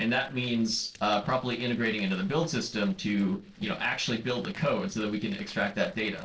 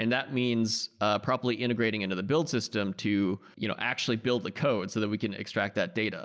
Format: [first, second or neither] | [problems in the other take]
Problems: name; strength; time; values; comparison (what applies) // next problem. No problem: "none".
second | noise reduction (neural separator model SepFormer DNS4)